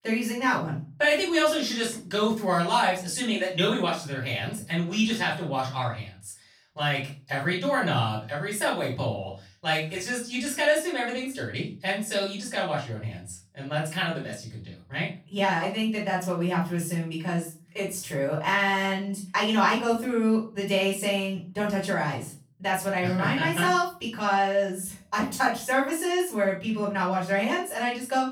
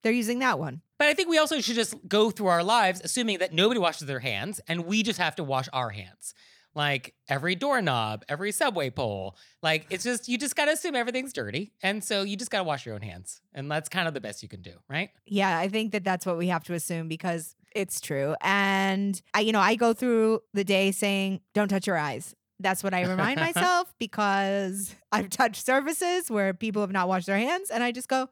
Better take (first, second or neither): second